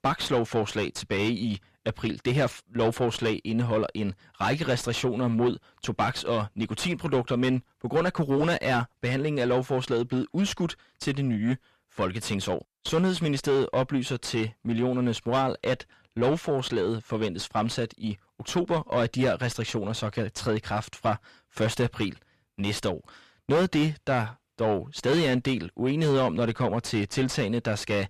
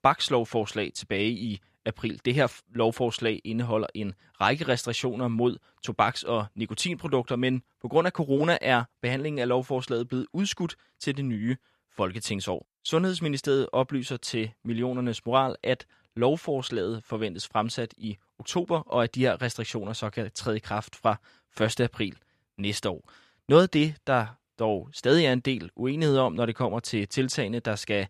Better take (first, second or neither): second